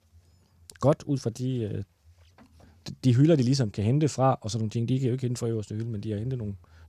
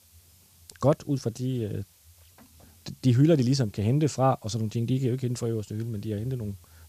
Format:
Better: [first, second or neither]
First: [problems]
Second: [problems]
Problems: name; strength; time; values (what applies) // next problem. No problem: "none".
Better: first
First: none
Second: hiss; faint; throughout; 30 dB below the speech